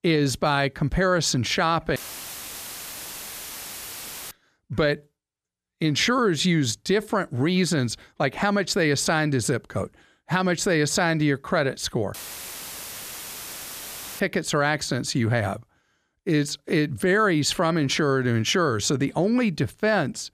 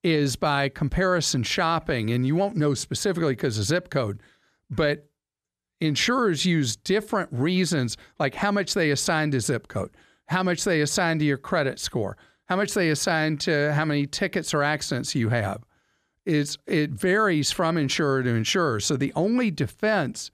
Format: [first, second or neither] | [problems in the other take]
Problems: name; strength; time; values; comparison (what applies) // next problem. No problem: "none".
second | audio cutting out; filled with static; at 2 s for 2.5 s and at 12 s for 2 s